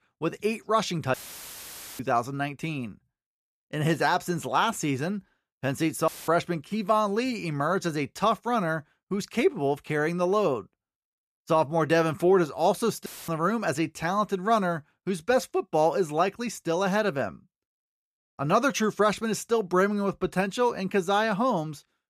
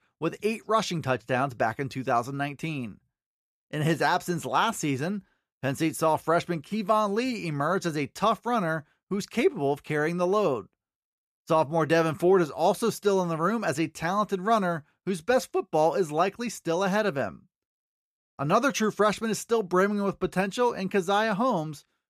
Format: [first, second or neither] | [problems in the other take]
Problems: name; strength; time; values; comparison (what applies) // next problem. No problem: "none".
second | audio cutting out; filled with static; at 1 s for 1 s, at 6 s and at 13 s